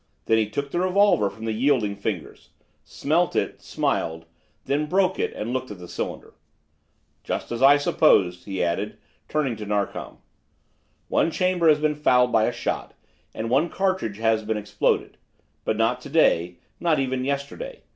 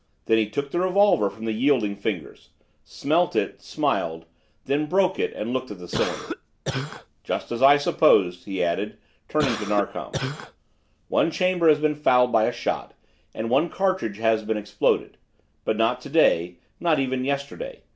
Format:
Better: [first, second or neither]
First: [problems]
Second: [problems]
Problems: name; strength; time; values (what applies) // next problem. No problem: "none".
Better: first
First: none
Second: background sound (Cough); 6 dB below the speech